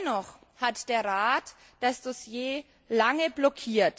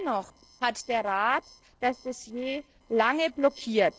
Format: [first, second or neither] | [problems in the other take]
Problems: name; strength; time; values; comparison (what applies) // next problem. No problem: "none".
first | noise reduction (neural separator model SepFormer DNS4)